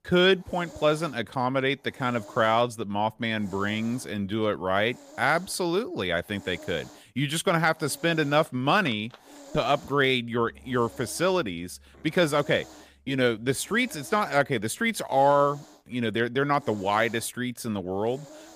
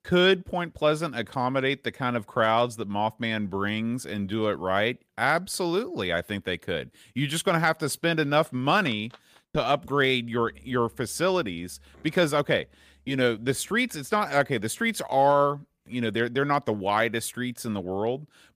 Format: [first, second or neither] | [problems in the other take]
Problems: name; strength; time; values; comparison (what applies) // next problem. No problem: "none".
second | hiss; faint; throughout; 25 dB below the speech